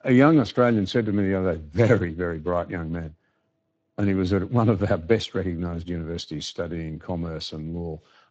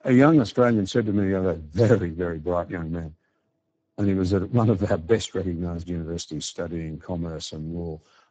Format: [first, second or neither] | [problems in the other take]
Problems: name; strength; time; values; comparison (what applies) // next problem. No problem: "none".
first | garbled, watery; badly; nothing above 7.5 kHz; slightly in the first